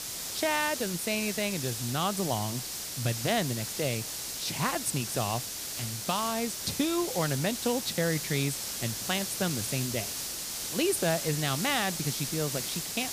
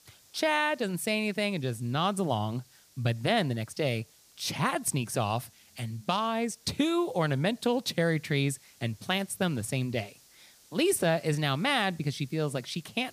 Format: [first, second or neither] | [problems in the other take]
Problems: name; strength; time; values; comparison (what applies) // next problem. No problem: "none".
second | hiss; loud; throughout; 2 dB below the speech; faint in the second